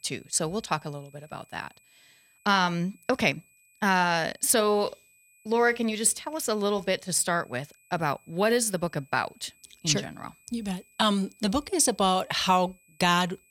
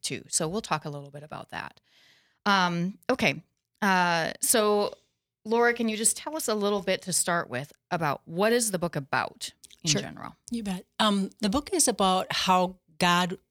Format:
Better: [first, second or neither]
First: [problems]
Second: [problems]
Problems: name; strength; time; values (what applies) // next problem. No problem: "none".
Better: second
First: high-pitched whine; faint; throughout; 2.5 kHz, 30 dB below the speech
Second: none